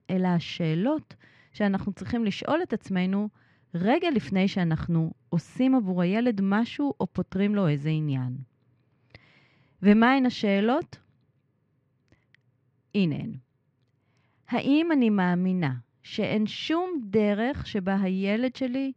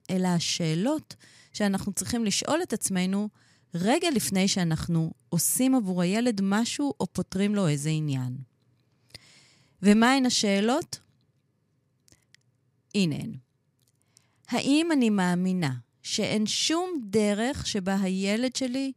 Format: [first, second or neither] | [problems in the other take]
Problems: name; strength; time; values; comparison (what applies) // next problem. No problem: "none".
second | muffled; very; fading above 3 kHz